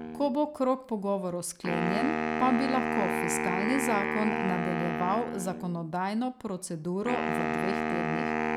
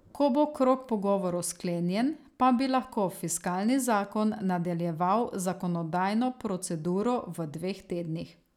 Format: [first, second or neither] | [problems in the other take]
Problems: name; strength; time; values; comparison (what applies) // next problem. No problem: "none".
second | background sound (Wind instrument, woodwind instrument); 1 dB below the speech